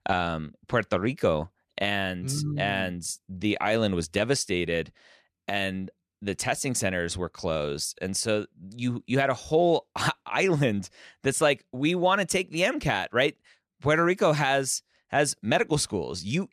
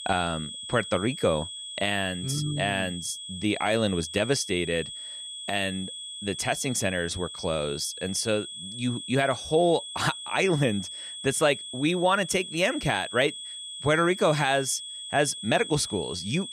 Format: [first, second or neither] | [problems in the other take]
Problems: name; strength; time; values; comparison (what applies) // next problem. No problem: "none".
first | high-pitched whine; loud; throughout; 3.5 kHz, 9 dB below the speech